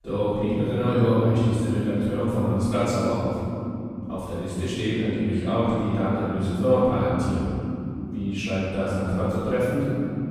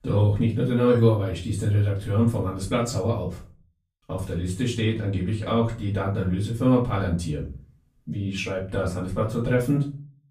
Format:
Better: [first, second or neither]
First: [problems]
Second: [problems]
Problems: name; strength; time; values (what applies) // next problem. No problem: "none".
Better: second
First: room echo; strong; dies away in 3 s // off-mic speech; far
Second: room echo; slight; dies away in 0.3 s // off-mic speech; far